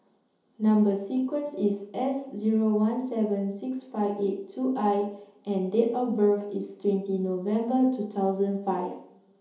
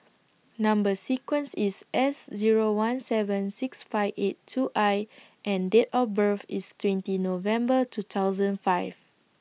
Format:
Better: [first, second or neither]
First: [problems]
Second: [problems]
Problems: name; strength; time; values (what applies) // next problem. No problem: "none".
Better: second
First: room echo; dies away in 2.8 s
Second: none